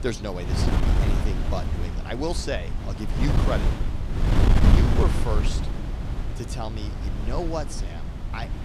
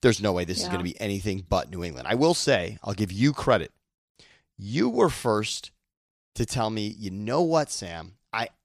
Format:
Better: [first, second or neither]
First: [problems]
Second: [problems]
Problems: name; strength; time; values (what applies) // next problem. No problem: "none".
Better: second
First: wind noise on the microphone; heavy; 1 dB below the speech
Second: none